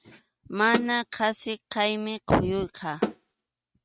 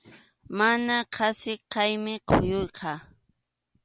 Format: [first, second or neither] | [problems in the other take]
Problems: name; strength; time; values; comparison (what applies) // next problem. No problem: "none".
second | noise reduction (neural mask model RNNoise)